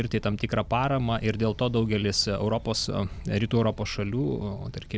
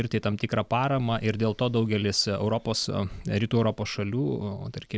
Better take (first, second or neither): second